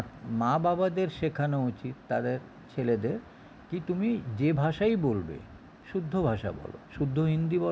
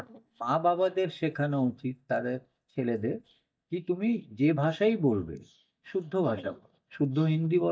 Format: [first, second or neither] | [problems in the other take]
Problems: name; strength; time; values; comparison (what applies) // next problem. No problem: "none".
first | noise reduction (neural mask model DeepFilterNet 3)